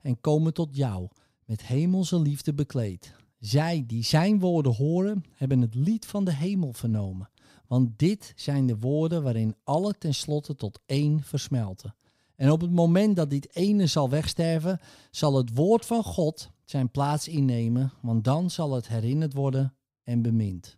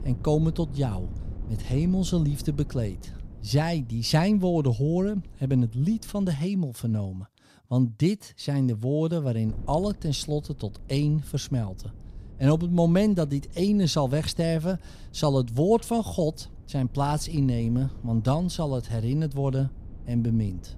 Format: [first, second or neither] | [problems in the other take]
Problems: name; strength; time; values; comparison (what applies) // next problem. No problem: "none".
first | wind noise on the microphone; occasional gusts; until 6.5 s and from 9.5 s on; 25 dB below the speech